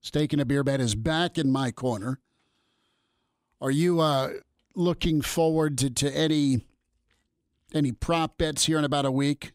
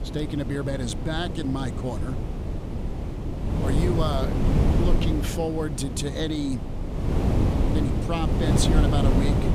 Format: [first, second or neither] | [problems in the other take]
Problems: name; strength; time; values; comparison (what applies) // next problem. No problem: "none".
first | wind noise on the microphone; heavy; 2 dB below the speech